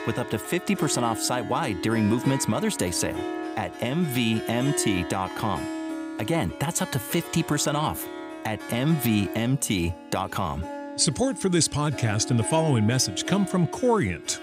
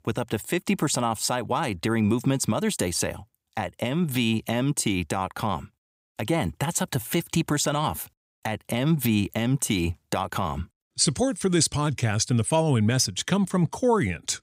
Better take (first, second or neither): second